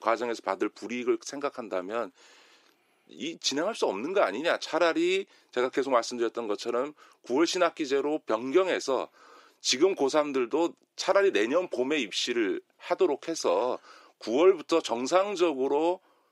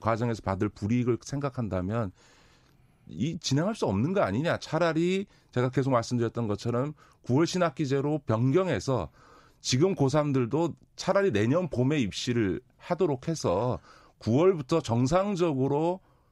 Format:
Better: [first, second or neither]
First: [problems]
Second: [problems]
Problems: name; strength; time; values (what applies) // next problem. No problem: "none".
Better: second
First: thin; somewhat; fading below 350 Hz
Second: none